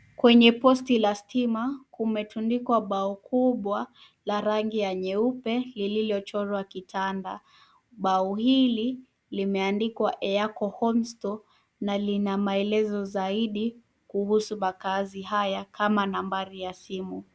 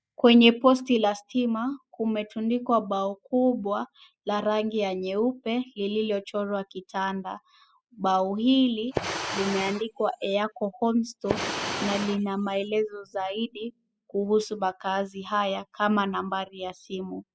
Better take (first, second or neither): first